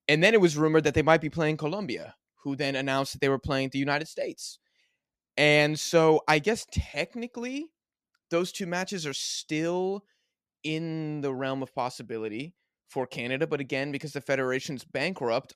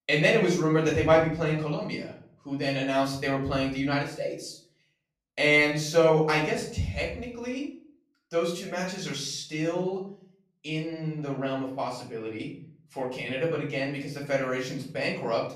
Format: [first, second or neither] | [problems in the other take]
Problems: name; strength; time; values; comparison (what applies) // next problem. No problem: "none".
first | room echo; slight; dies away in 0.5 s // off-mic speech; far